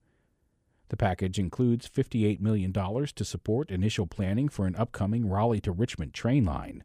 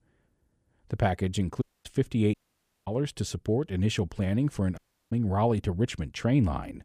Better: first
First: none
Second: audio cutting out; at 1.5 s, at 2.5 s for 0.5 s and at 5 s

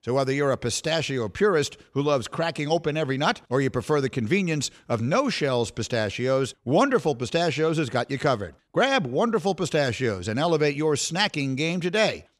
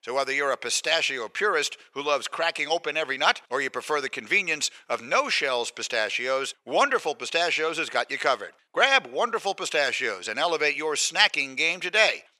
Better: first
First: none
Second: thin; very; fading below 650 Hz

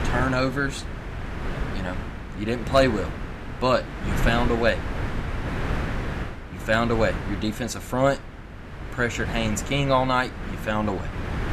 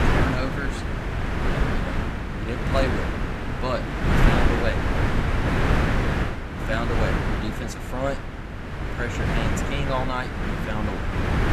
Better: first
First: wind noise on the microphone; occasional gusts; 10 dB below the speech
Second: wind noise on the microphone; heavy; 2 dB above the speech

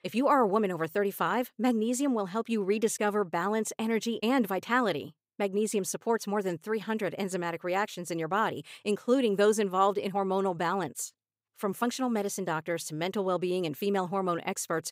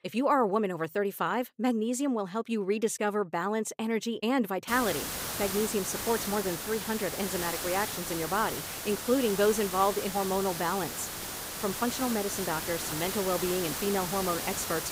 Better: first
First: none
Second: hiss; loud; from 4.5 s on; 4 dB below the speech

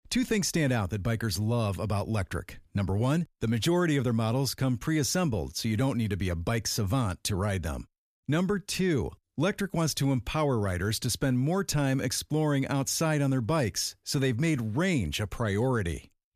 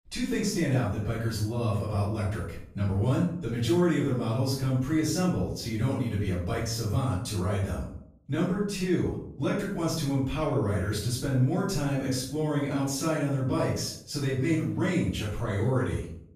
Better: first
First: none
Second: off-mic speech; far // room echo; noticeable; dies away in 0.5 s

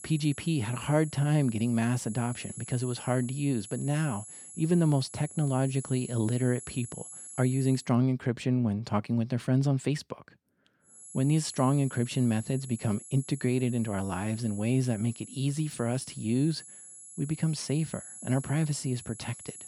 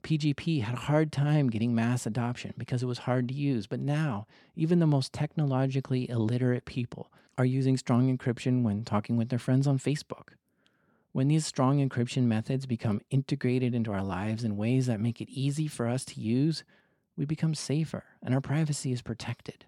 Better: second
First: high-pitched whine; noticeable; until 8 s and from 11 s on; 11 kHz, 15 dB below the speech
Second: none

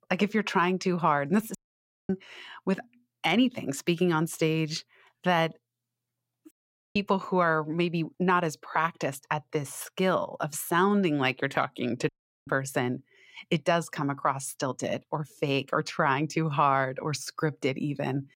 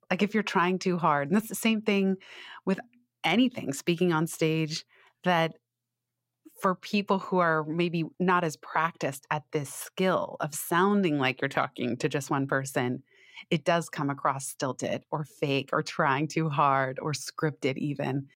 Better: second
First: audio cutting out; at 1.5 s for 0.5 s, at 6.5 s and at 12 s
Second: none

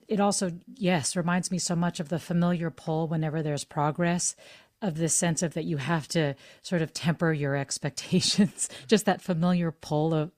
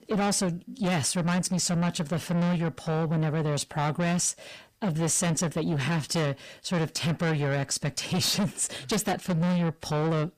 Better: first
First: none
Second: distortion; heavy; 6 dB below the speech

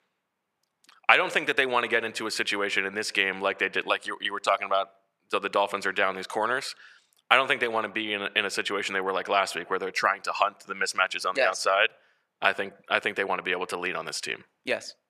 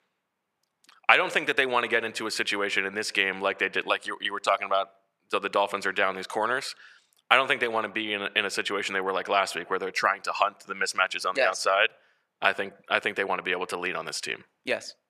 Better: neither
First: thin; very; fading below 550 Hz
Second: thin; very; fading below 550 Hz

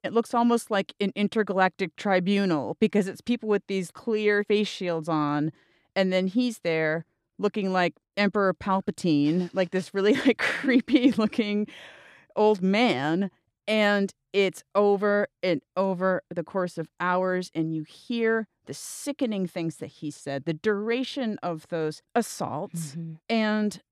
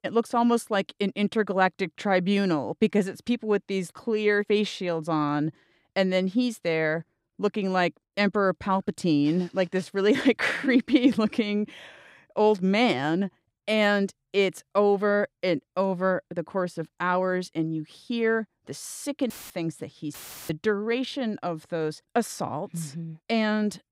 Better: first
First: none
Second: audio cutting out; filled with static; at 19 s and at 20 s

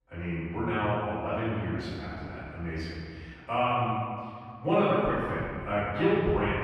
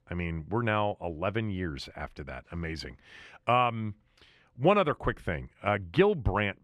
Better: second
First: off-mic speech; far // room echo; strong; dies away in 2.1 s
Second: none

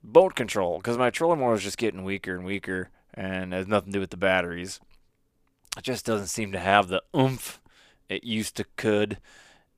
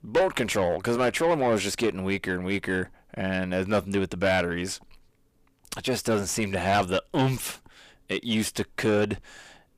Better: first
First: none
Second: distortion; heavy; 6 dB below the speech

